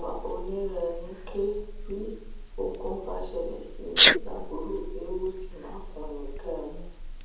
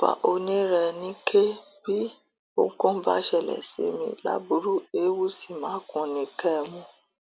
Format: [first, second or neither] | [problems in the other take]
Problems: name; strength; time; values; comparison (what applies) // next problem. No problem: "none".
second | background sound (Sneeze); 4 dB above the speech // room echo; dies away in 0.8 s